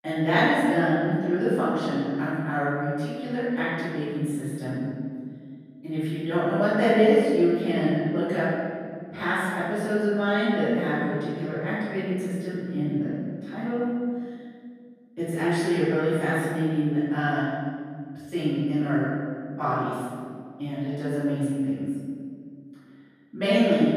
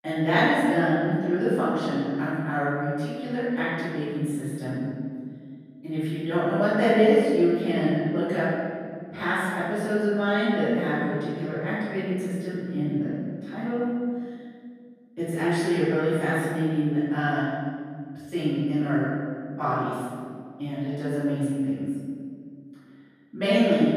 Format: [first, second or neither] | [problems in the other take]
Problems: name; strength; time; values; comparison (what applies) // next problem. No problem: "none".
neither | room echo; strong; dies away in 1.9 s; the same in both // off-mic speech; far; the same in both